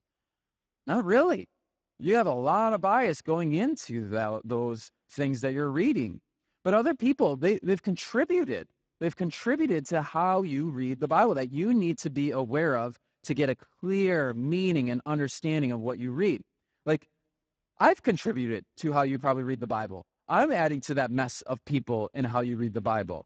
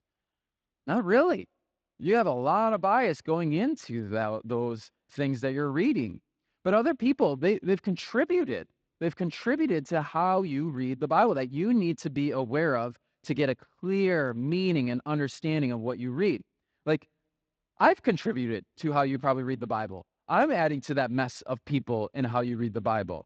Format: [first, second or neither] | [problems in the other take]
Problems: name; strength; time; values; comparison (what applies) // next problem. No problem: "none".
second | garbled, watery; badly; nothing above 7.5 kHz; slightly in the second